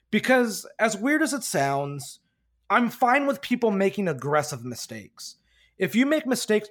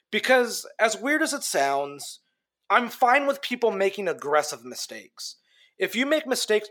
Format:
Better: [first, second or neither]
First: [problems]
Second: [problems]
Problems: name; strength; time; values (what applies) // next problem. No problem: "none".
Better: first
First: none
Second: thin; somewhat; fading below 400 Hz